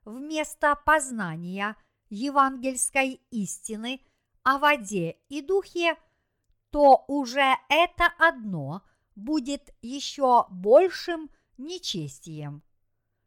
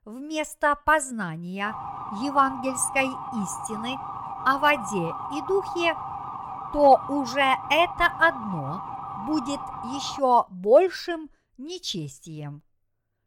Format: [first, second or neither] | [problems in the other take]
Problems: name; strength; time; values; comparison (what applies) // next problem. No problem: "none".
first | siren; noticeable; from 1.5 to 10 s; peak 9 dB below the speech